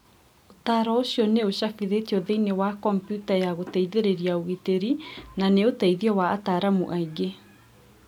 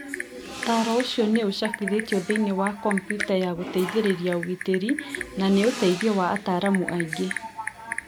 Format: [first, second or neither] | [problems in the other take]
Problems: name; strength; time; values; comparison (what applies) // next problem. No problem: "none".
first | background sound (Typing); 9 dB below the speech